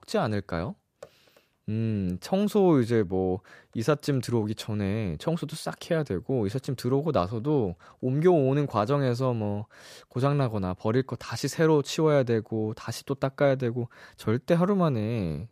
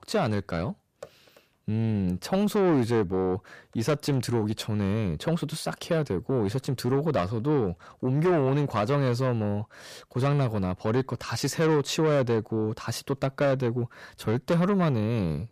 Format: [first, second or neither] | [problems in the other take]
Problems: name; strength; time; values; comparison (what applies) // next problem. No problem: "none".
first | distortion; slight; 10 dB below the speech